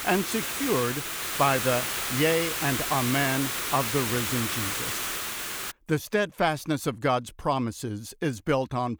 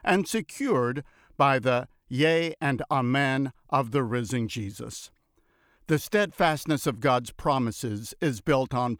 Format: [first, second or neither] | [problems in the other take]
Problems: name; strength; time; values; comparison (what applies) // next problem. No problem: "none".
second | hiss; loud; until 5.5 s; 1 dB below the speech